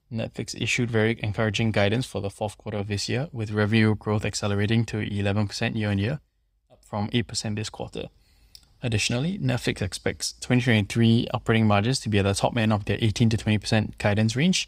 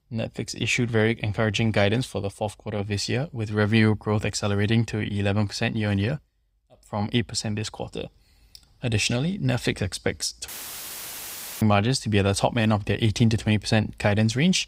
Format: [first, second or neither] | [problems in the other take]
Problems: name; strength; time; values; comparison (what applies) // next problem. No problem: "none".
first | audio cutting out; filled with static; at 10 s for 1 s